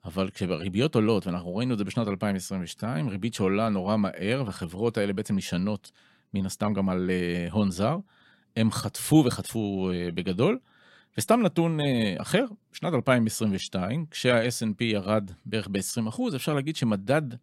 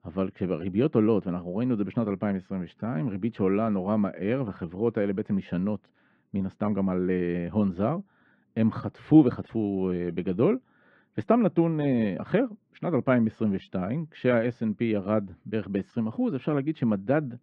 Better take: first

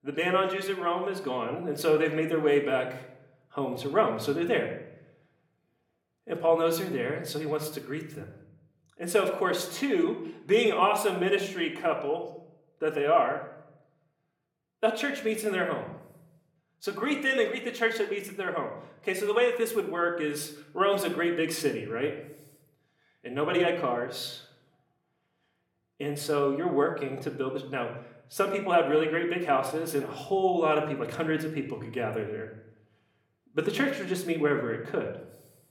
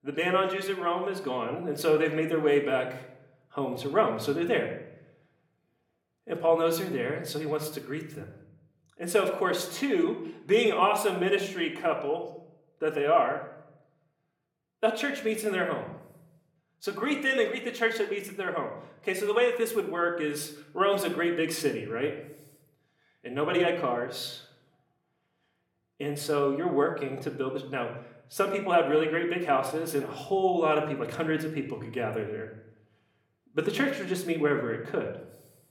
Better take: neither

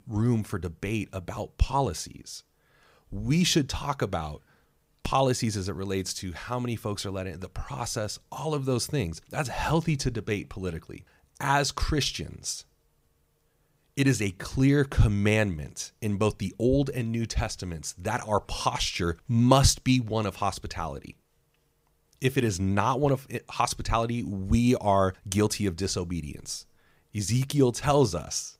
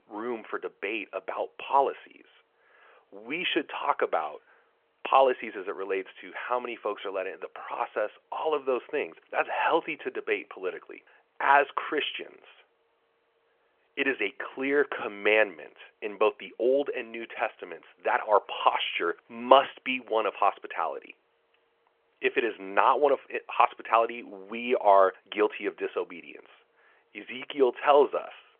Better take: first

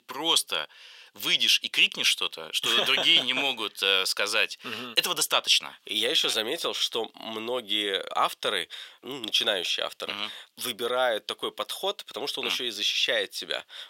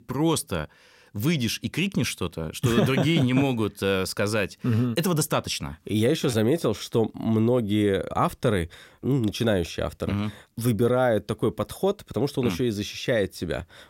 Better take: second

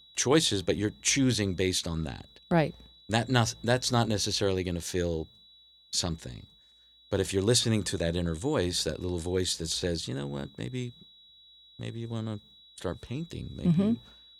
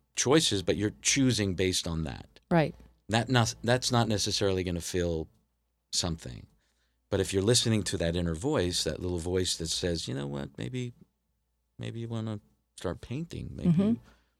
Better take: second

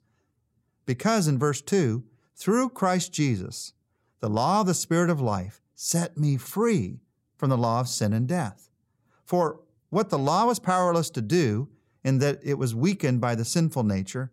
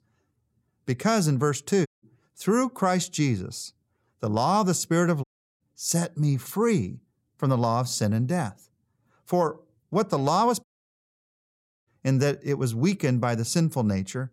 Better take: first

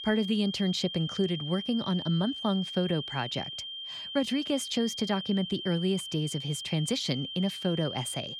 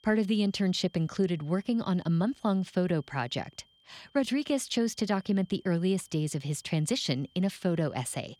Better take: second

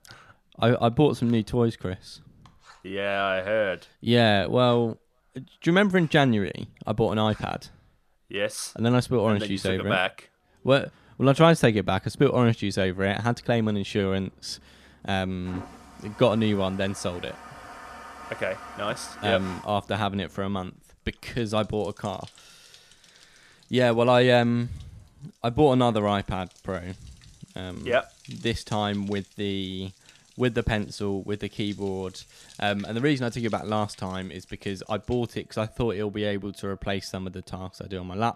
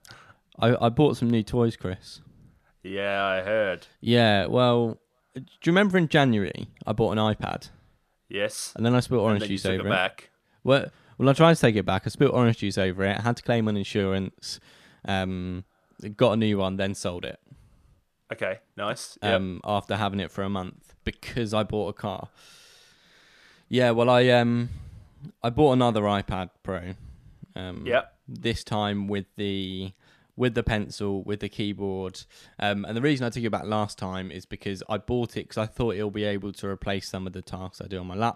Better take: second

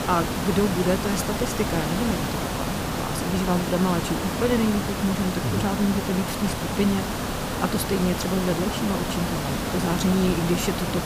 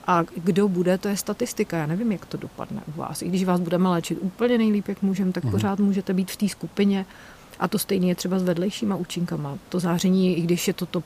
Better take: second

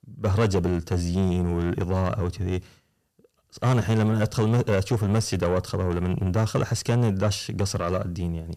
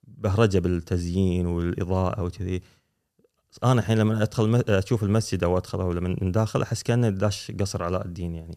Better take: second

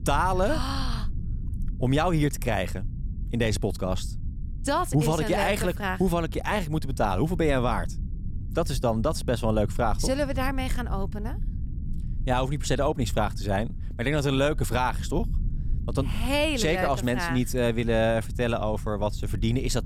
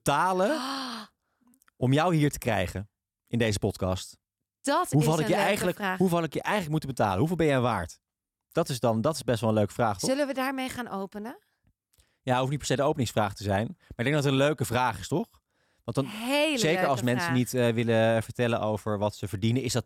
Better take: second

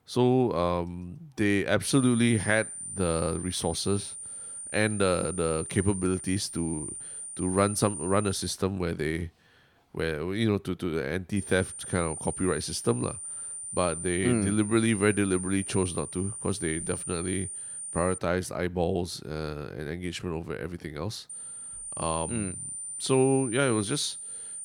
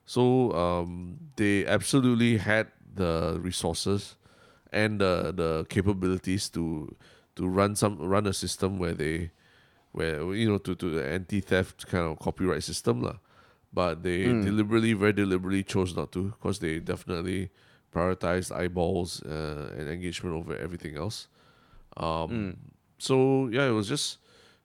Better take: second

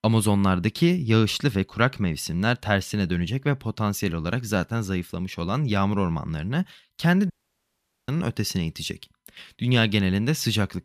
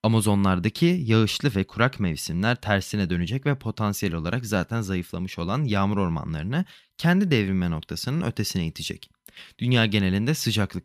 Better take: second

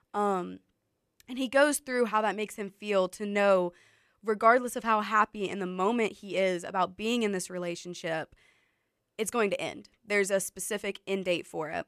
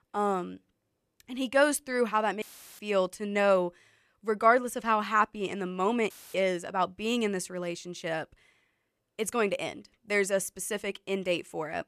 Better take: first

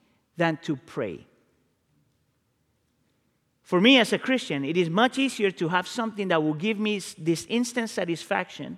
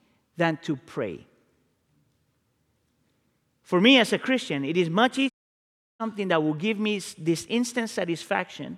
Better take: first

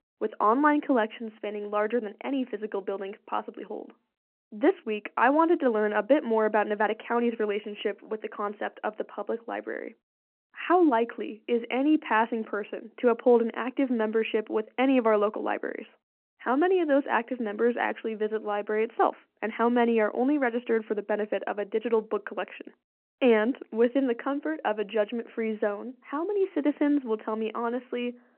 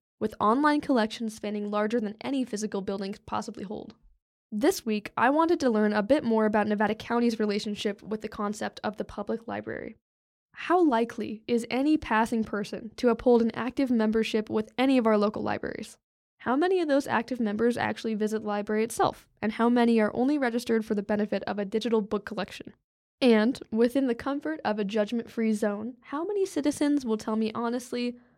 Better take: second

